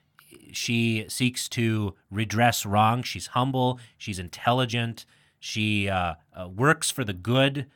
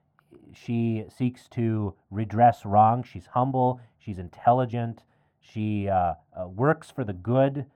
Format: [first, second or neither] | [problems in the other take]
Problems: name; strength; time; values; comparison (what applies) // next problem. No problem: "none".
first | muffled; very; fading above 2 kHz